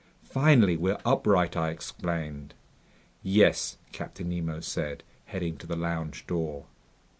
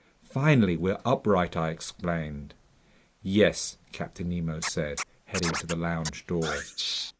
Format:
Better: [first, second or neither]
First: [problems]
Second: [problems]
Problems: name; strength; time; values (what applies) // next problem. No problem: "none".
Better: first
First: none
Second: noise reduction (neural mask model Resemble Enhance denoiser)